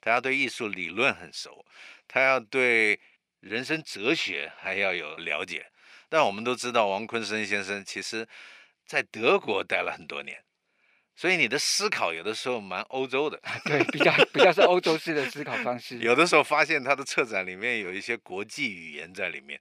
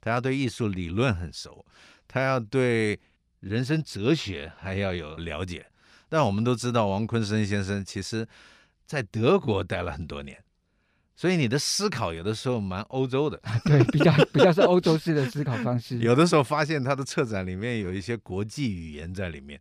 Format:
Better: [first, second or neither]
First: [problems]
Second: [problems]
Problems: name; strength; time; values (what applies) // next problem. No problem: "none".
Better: second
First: thin; somewhat; fading below 350 Hz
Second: none